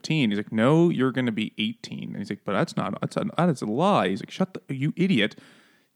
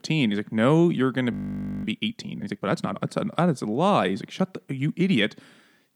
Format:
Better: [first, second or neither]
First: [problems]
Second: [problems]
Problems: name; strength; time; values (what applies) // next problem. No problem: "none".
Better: first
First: none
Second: audio freezing; at 1.5 s for 0.5 s